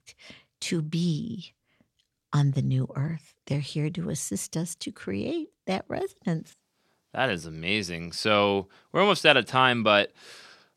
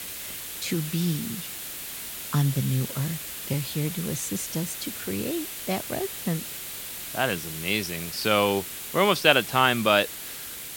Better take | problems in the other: first | hiss; loud; throughout; 7 dB below the speech

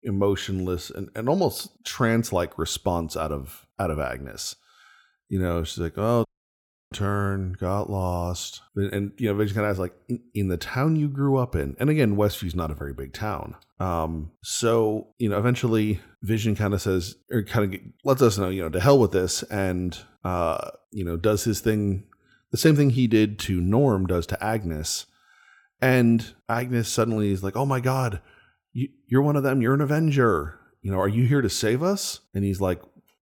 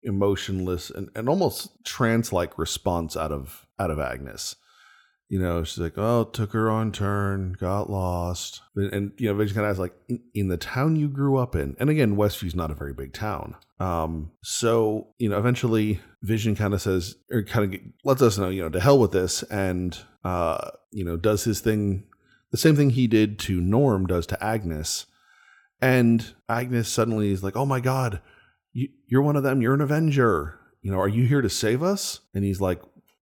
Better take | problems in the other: second | audio cutting out; at 6.5 s for 0.5 s

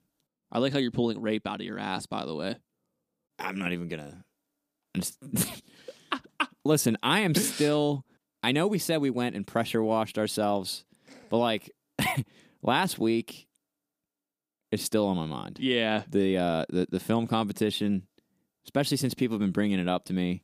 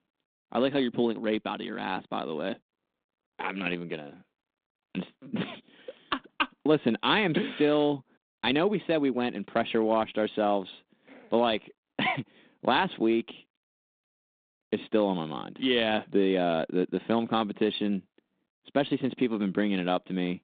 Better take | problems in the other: first | phone-call audio; nothing above 3.5 kHz

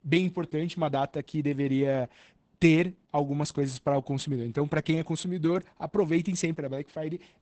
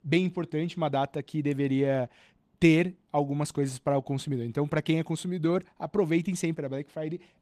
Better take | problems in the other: second | garbled, watery; badly; nothing above 8 kHz; slightly in the second

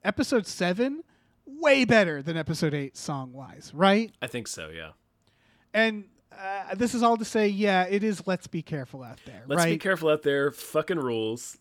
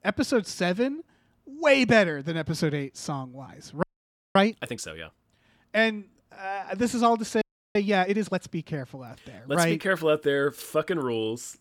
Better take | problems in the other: first | audio freezing; at 4 s for 0.5 s and at 7.5 s

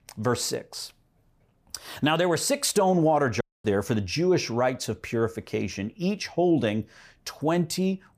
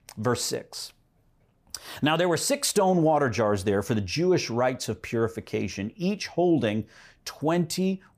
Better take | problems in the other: second | audio cutting out; at 3.5 s

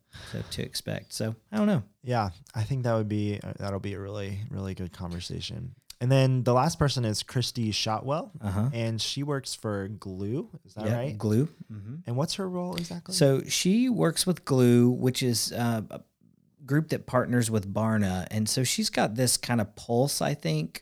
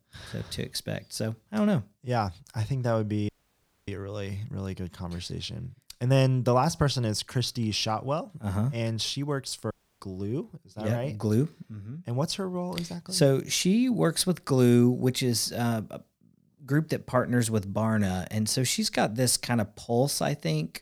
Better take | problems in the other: first | audio cutting out; at 3.5 s for 0.5 s and at 9.5 s

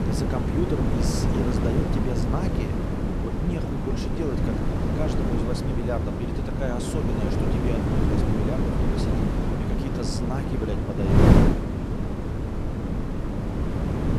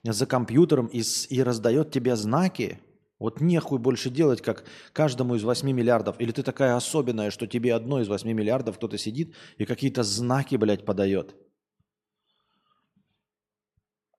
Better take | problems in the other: second | wind noise on the microphone; heavy; 4 dB above the speech

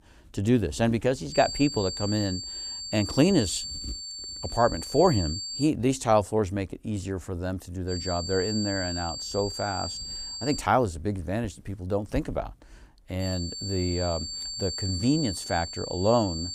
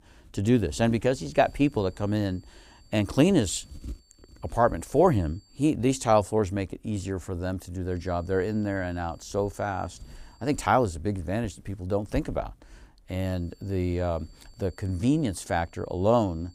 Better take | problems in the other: second | high-pitched whine; loud; from 1.5 to 5.5 s, from 8 to 11 s and from 13 s on; 4.5 kHz, 6 dB below the speech; faint in the second

